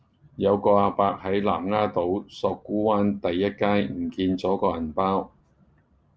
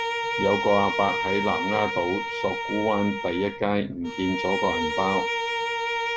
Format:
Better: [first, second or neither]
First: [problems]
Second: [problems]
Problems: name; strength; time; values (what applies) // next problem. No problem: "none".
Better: first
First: none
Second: background sound (Bowed string instrument); 2 dB below the speech